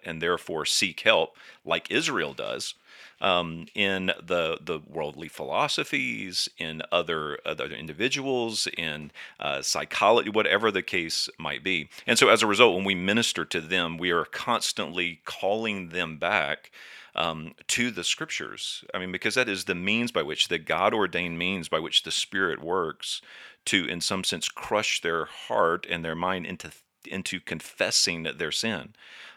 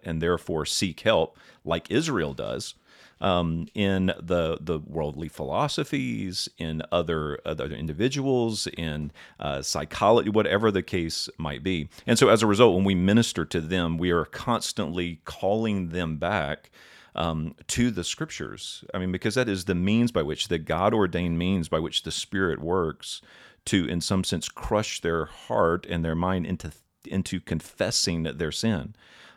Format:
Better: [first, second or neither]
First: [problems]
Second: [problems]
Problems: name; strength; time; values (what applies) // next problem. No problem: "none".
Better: second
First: thin; somewhat; fading below 550 Hz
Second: none